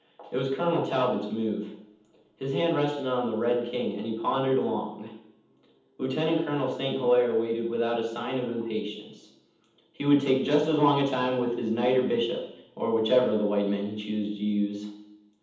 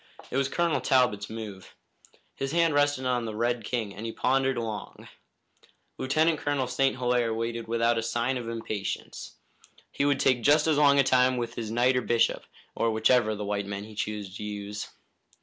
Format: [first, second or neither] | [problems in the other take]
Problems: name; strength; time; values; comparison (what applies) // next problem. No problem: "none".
second | room echo; dies away in 0.8 s